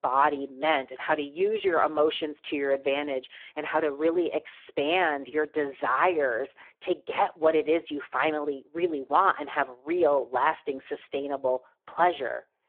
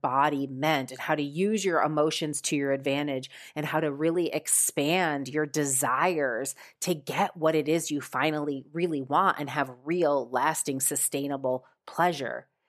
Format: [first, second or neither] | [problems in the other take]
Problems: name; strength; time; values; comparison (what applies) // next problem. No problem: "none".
second | phone-call audio; poor line